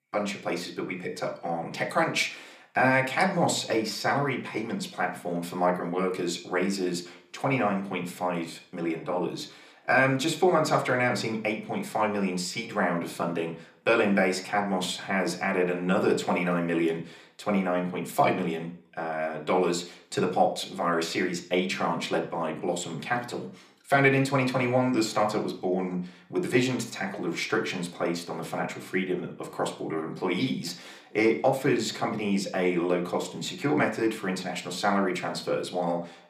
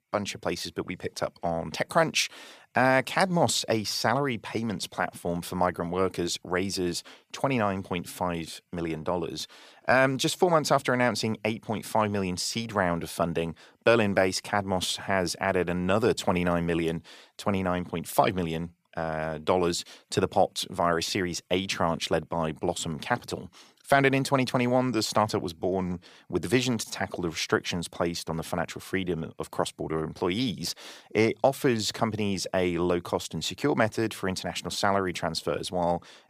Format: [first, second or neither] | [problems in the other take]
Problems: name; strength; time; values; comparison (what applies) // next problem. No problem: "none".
second | room echo; very slight; dies away in 0.4 s